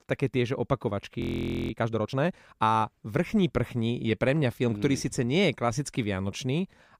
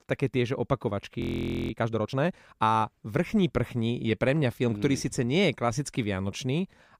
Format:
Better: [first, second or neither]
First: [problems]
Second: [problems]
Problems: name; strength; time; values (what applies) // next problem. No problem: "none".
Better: neither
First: audio freezing; at 1 s for 0.5 s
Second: audio freezing; at 1 s for 0.5 s